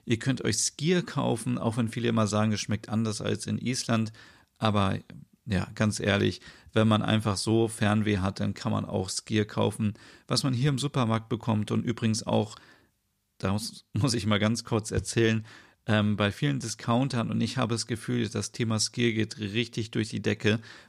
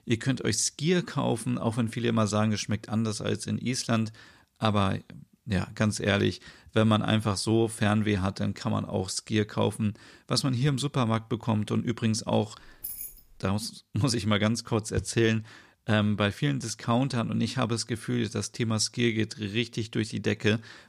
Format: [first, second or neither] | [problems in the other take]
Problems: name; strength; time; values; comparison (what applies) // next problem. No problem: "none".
first | jangling keys; noticeable; at 13 s; peak 8 dB below the speech